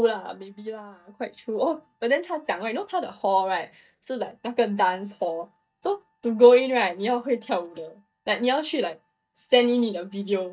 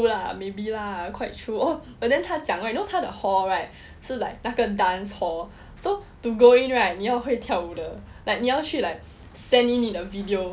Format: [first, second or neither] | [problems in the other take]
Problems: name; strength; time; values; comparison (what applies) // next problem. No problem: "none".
second | noise reduction (neural mask model DeepFilterNet 3)